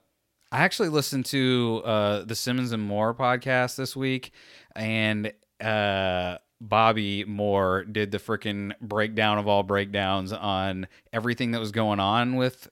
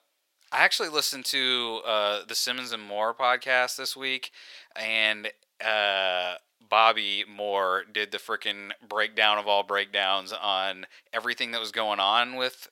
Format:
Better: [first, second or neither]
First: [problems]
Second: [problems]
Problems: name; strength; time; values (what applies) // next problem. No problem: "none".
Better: first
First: none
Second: thin; very; fading below 650 Hz